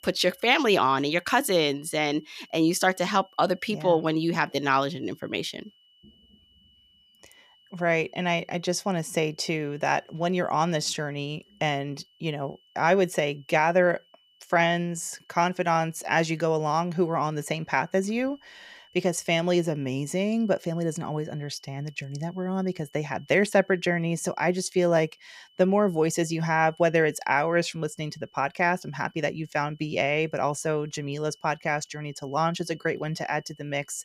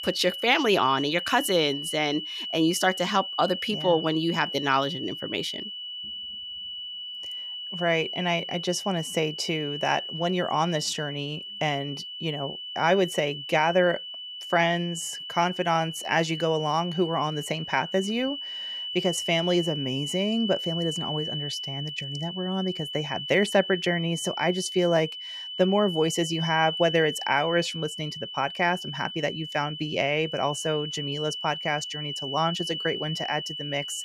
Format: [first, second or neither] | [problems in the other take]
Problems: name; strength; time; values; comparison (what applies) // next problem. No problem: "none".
first | high-pitched whine; loud; throughout; 3 kHz, 6 dB below the speech; faint in the first